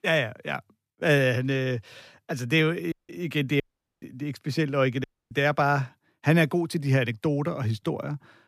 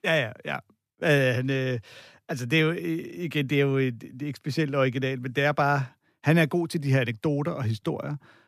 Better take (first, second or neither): second